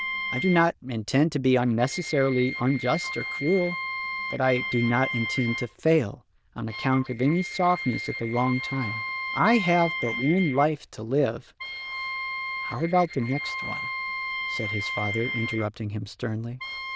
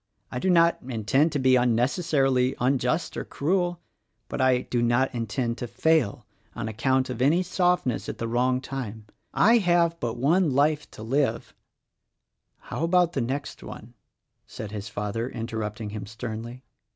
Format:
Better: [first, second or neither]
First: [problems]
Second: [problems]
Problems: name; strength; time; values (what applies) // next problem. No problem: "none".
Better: second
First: noise reduction (neural diffusion model UNIVERSE++)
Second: none